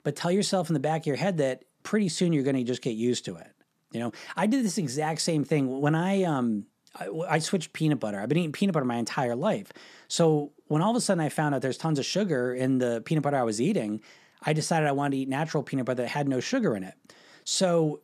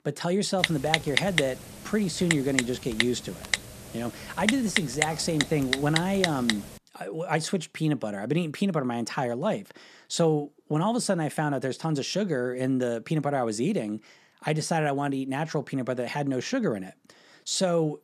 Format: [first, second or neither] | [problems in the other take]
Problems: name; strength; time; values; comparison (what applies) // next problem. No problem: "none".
first | keyboard typing; loud; from 0.5 to 6.5 s; peak 2 dB above the speech